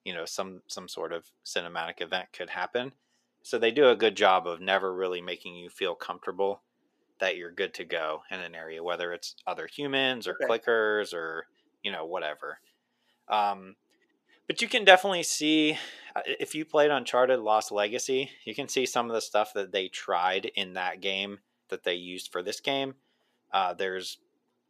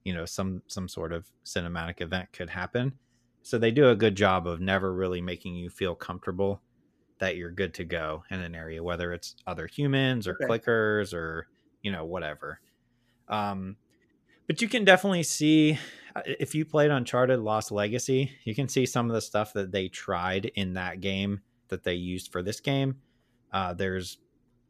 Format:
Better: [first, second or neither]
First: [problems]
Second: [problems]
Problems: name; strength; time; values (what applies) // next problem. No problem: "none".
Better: second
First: thin; somewhat; fading below 400 Hz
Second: none